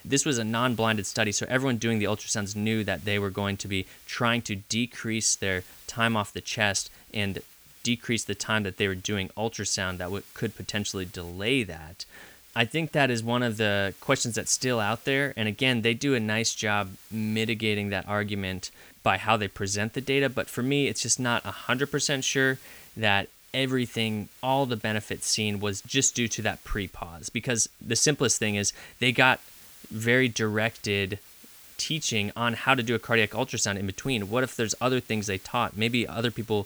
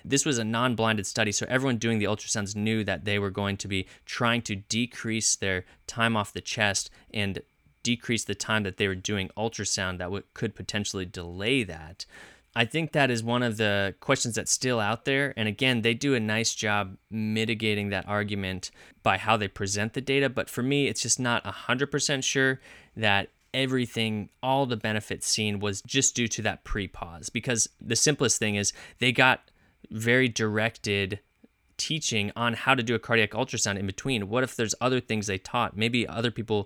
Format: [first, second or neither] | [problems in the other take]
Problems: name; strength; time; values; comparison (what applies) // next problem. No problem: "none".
second | hiss; faint; throughout; 20 dB below the speech